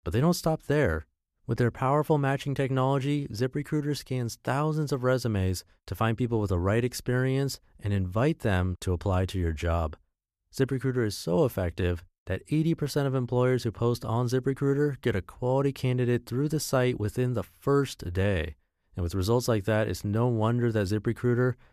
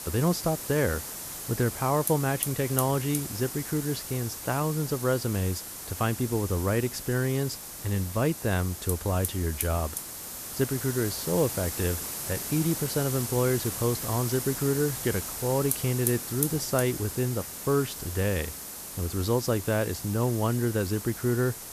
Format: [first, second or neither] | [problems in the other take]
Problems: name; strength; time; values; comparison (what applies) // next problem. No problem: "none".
first | hiss; loud; throughout; 5 dB below the speech